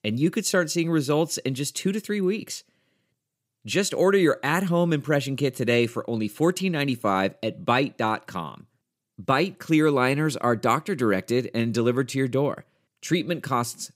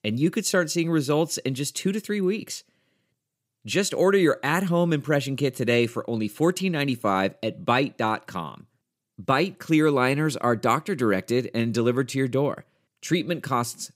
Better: neither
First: none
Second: none

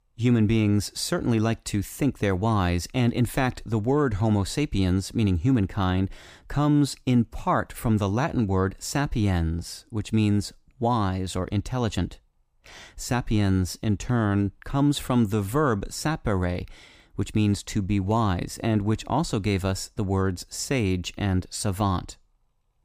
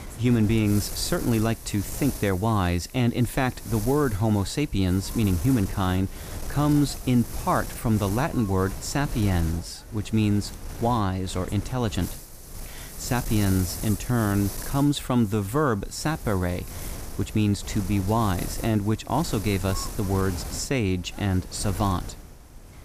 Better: first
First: none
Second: wind noise on the microphone; occasional gusts; 10 dB below the speech

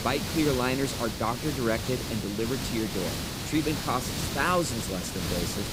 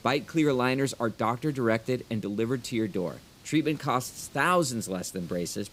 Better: second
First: hiss; loud; throughout; 3 dB below the speech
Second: hiss; faint; throughout; 25 dB below the speech

